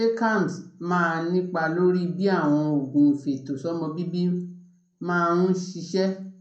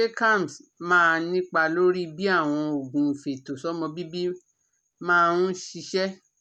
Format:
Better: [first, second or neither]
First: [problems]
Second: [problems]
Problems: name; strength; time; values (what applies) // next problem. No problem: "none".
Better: second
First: room echo; dies away in 0.6 s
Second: none